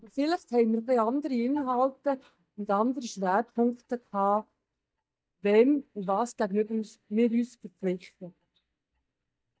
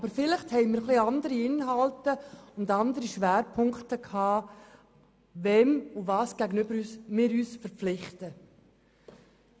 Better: second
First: noise reduction (neural mask model DeepFilterNet 3)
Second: none

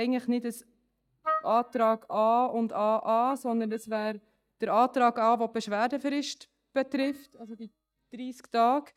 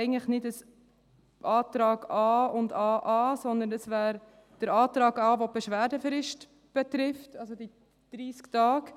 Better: second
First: noise reduction (neural mask model DeepFilterNet 3)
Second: none

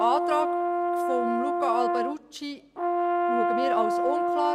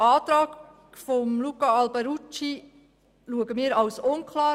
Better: second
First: background sound (Brass instrument); 4 dB above the speech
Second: none

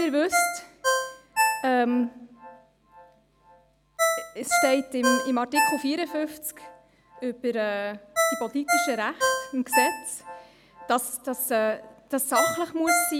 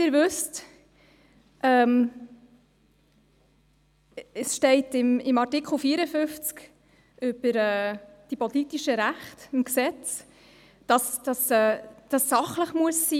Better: second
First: background sound (Ringtone); as loud as the speech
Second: none

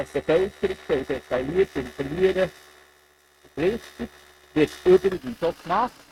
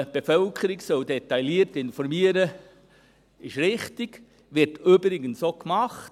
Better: second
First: noise reduction (neural mask model RNNoise)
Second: none

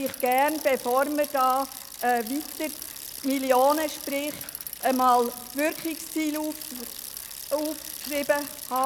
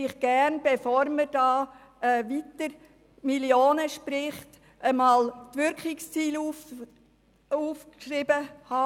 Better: second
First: background sound (Bicycle); 12 dB below the speech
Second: none

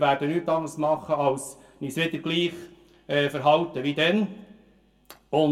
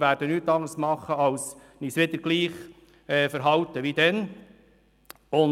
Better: second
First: room echo; dies away in 0.2 s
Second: none

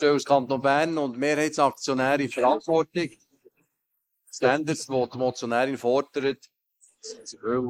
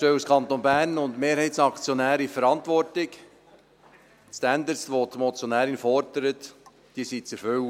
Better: second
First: noise reduction (neural mask model Resemble Enhance denoiser)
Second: none

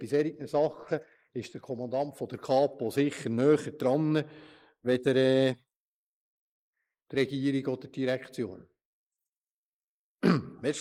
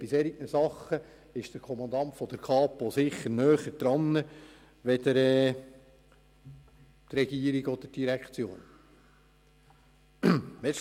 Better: second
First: noise reduction (neural mask model Resemble Enhance denoiser)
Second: none

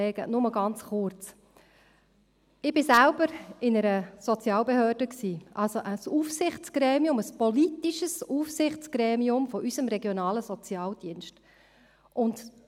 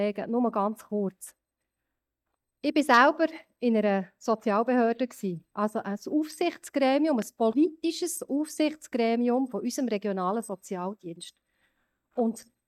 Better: first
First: none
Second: noise reduction (neural mask model DeepFilterNet 3)

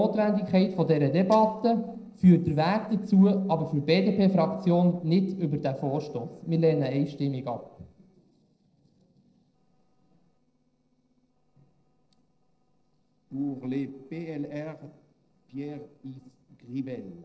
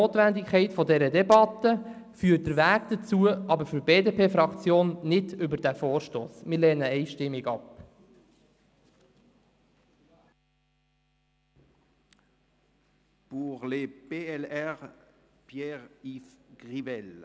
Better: second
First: noise reduction (neural separator model SepFormer DNS4)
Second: none

